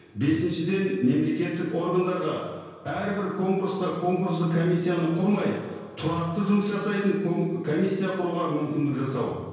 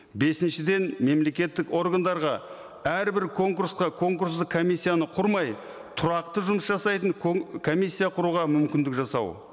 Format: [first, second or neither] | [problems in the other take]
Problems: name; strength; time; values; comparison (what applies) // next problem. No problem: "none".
second | room echo; dies away in 1 s